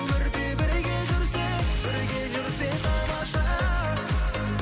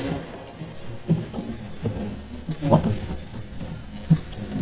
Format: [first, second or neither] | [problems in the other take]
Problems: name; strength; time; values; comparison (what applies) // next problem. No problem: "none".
first | noise reduction (neural mask model DeepFilterNet 3)